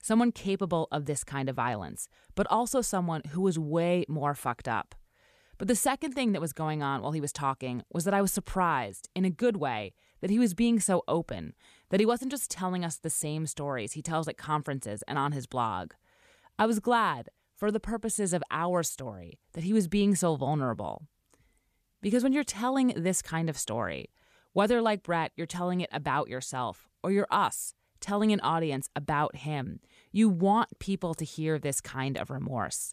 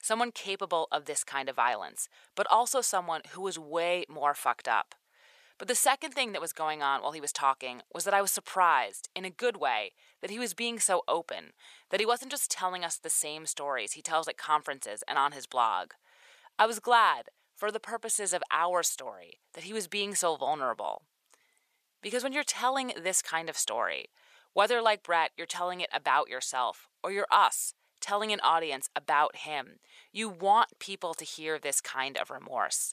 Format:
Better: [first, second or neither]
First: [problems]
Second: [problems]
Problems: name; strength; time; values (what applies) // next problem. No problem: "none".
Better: first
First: none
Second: thin; very; fading below 700 Hz